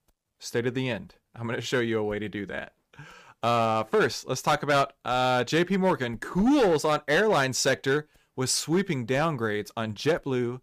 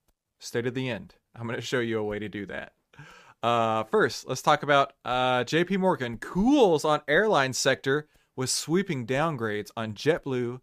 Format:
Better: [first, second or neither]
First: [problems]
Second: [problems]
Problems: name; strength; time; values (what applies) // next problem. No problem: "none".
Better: second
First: distortion; slight; 5% of the sound clipped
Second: none